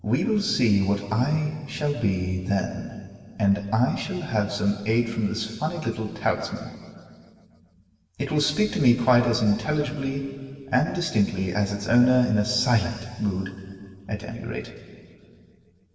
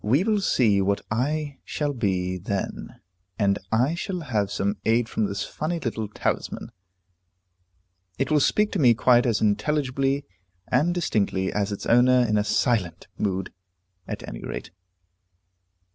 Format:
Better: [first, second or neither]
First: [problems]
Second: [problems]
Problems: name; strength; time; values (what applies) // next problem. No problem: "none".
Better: second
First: room echo; dies away in 2.9 s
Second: none